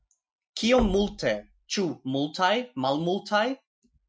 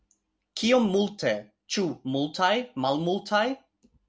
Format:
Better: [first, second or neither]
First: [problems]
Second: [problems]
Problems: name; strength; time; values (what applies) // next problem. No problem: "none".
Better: second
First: noise reduction (classical method Wiener filter)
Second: none